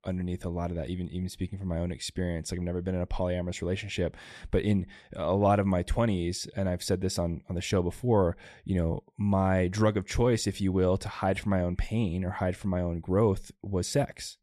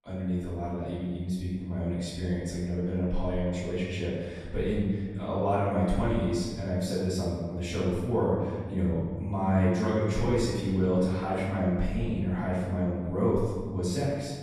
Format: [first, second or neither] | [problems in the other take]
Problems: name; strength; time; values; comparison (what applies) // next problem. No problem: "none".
first | room echo; strong; dies away in 1.4 s // off-mic speech; far